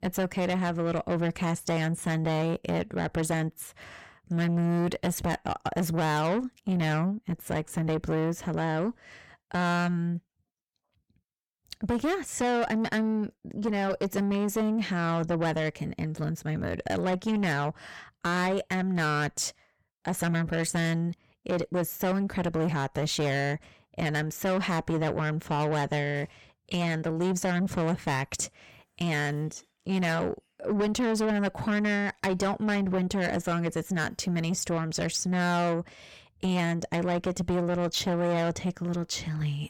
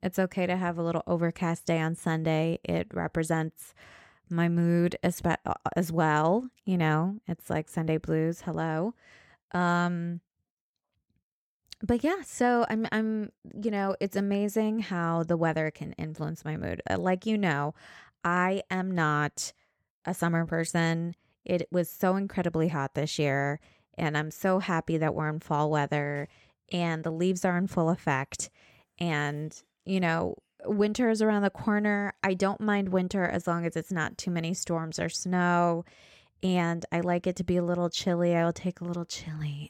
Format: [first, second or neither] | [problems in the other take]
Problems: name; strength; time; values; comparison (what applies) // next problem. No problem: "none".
second | distortion; heavy; 7 dB below the speech